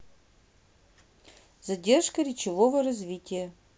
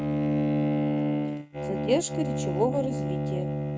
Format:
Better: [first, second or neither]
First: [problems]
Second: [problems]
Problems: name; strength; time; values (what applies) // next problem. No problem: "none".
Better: first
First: none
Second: noise reduction (neural mask model RNNoise)